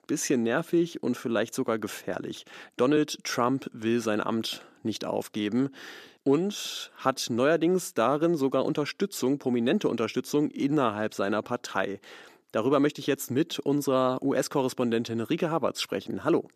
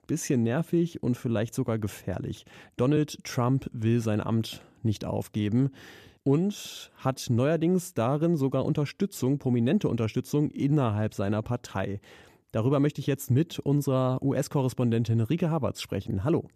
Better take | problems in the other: second | thin; very slightly; fading below 300 Hz

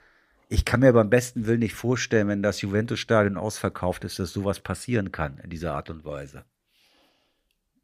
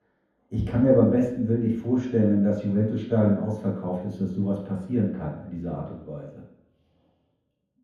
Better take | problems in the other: first | room echo; noticeable; dies away in 0.9 s // off-mic speech; far

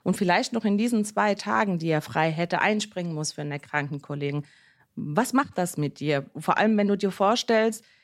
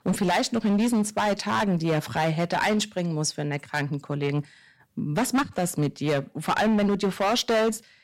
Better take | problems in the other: first | distortion; heavy; 11% of the sound clipped

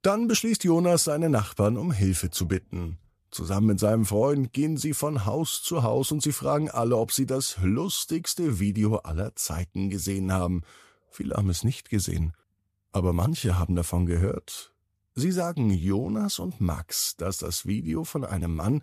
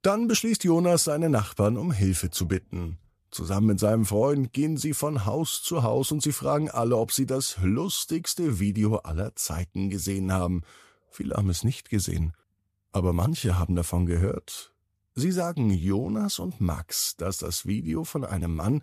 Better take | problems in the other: neither | none

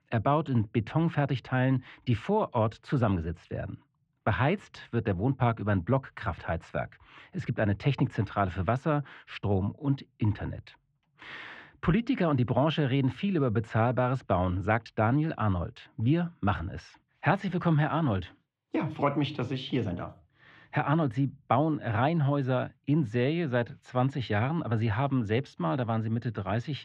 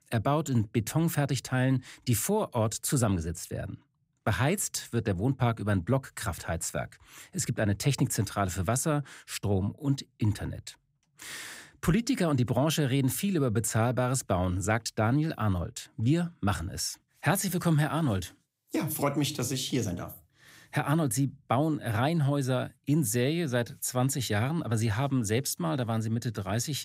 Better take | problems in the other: second | muffled; very; fading above 3 kHz

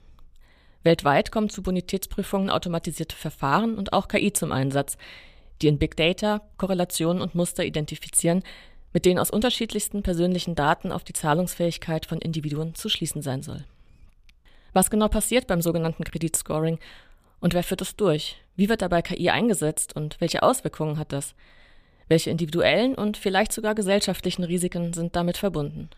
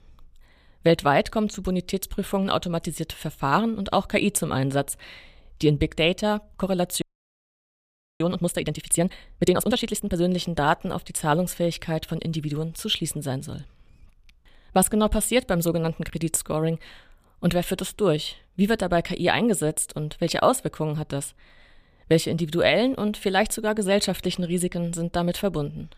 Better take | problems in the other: first | audio freezing; at 7 s for 1 s

